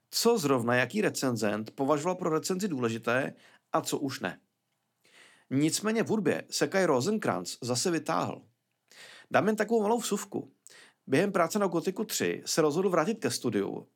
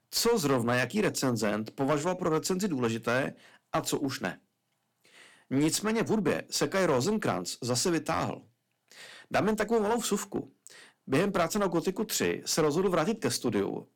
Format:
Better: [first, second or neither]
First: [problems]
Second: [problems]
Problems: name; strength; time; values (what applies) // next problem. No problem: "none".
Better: first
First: none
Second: distortion; slight; 7% of the sound clipped